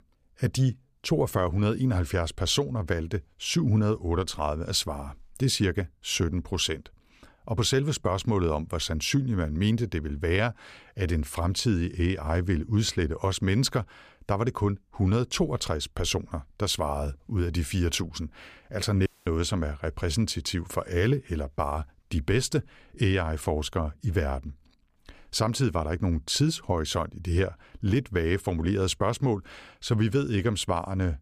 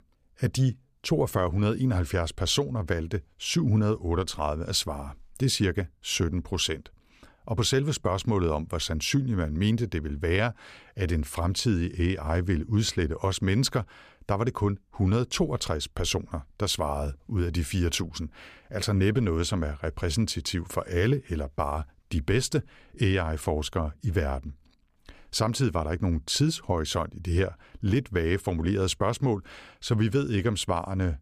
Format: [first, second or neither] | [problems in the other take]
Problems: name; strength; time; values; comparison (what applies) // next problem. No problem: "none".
second | audio cutting out; at 19 s